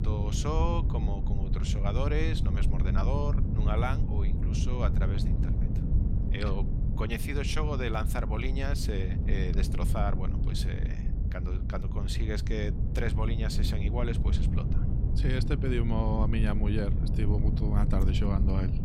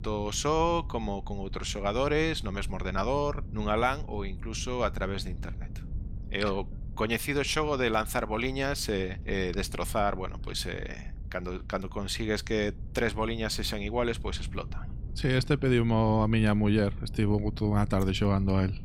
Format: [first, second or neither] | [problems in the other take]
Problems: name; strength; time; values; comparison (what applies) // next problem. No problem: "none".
second | low rumble; loud; throughout; 6 dB below the speech; faint in the second